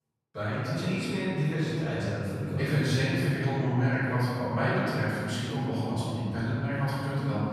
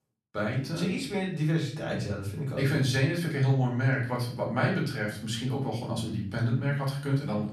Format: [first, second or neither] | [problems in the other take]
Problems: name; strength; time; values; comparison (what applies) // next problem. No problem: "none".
second | room echo; strong; dies away in 2.7 s; slight in the second // off-mic speech; far; far in the second